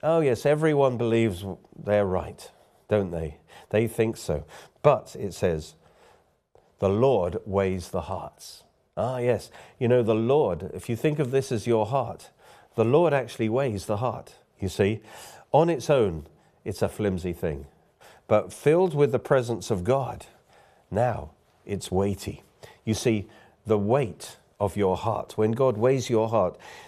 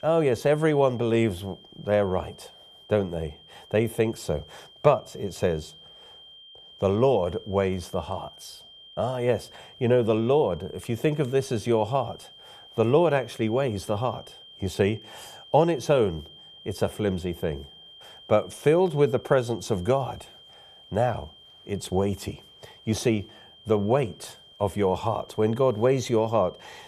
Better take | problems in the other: first | high-pitched whine; faint; throughout; 3 kHz, 20 dB below the speech

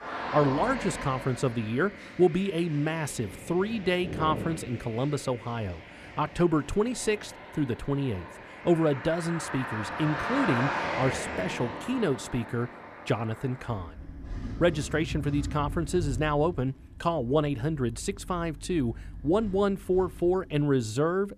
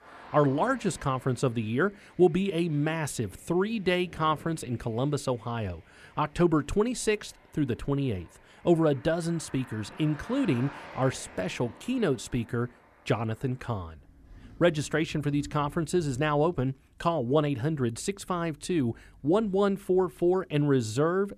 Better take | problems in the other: second | traffic noise; loud; throughout; 9 dB below the speech; faint in the second

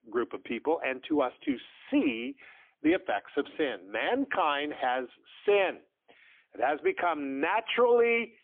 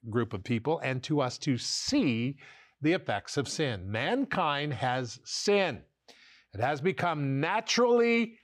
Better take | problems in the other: second | phone-call audio; poor line; nothing above 3.5 kHz

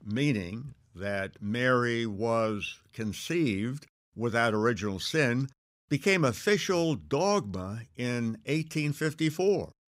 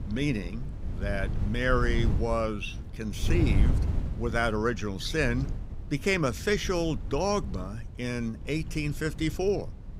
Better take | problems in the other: first | wind noise on the microphone; occasional gusts; 15 dB below the speech

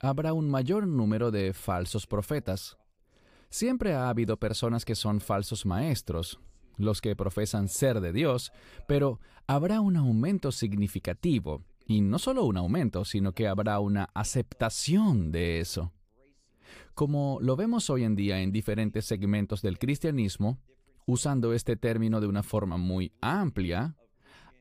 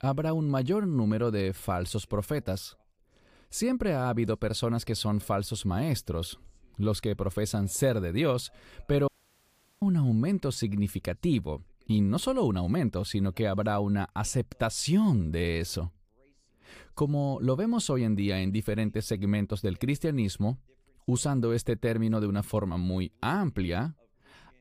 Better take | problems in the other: first | audio cutting out; at 9 s for 0.5 s

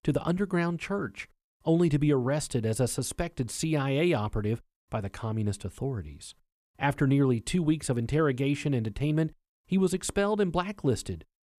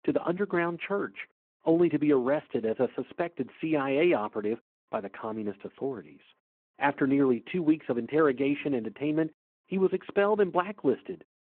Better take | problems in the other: first | phone-call audio

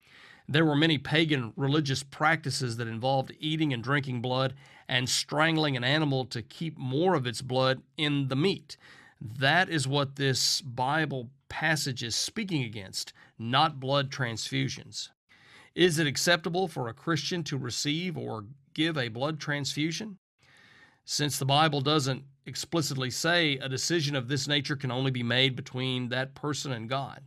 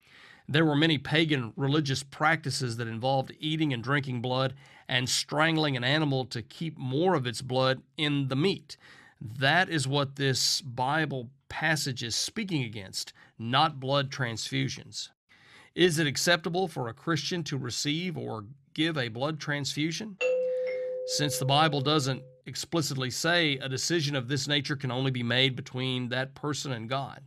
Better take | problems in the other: first | doorbell; loud; from 20 to 22 s; peak level with the speech

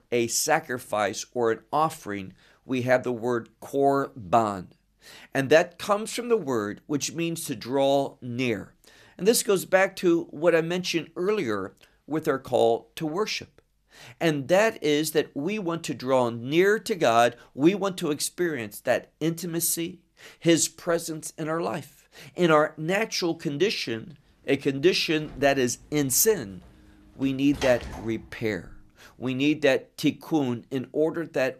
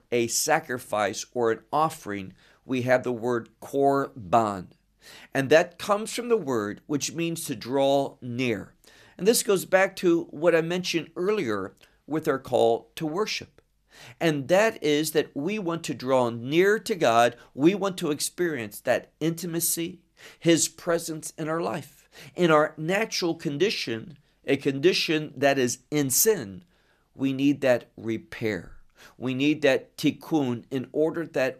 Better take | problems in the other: second | door banging; noticeable; from 25 to 28 s; peak 9 dB below the speech

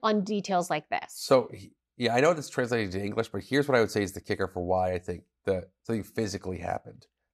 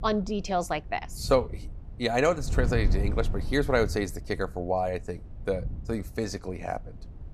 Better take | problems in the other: first | wind noise on the microphone; occasional gusts; 20 dB below the speech

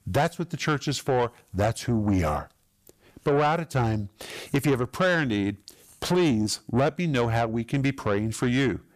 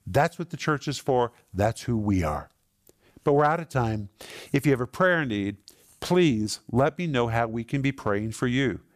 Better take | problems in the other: second | distortion; slight; 10 dB below the speech

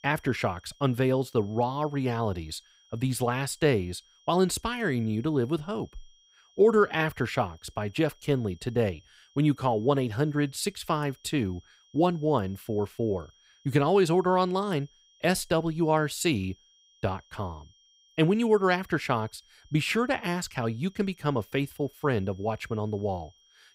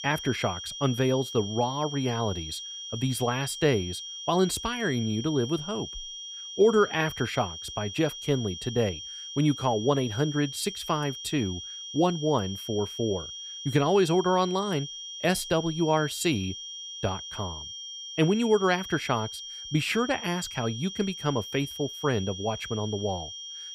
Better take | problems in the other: first | high-pitched whine; loud; throughout; 3 kHz, 9 dB below the speech; faint in the first

